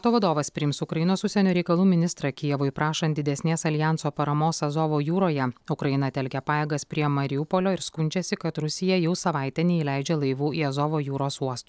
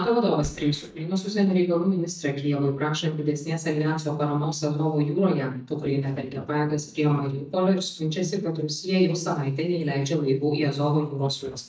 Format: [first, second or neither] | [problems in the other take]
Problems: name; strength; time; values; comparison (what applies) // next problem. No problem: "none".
first | noise reduction (neural mask model DeepFilterNet 3)